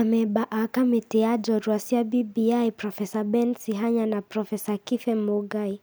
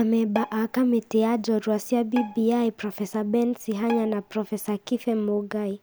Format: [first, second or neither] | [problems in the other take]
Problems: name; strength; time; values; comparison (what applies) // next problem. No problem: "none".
first | background sound (Bowed string instrument); 17 dB below the speech